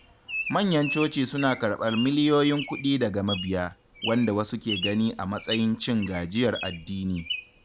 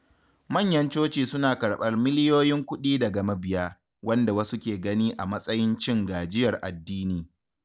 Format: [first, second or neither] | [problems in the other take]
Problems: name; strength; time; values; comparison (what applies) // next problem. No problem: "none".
second | background sound (Bird vocalization, bird call, bird song); 11 dB below the speech